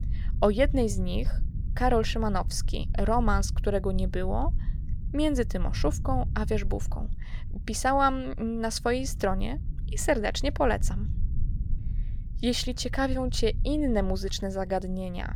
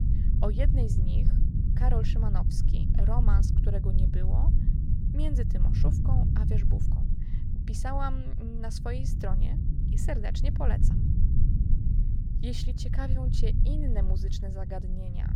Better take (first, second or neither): first